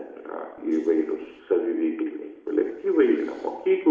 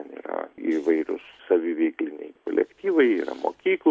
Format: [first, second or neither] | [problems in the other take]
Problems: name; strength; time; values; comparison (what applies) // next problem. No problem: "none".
second | room echo; dies away in 0.8 s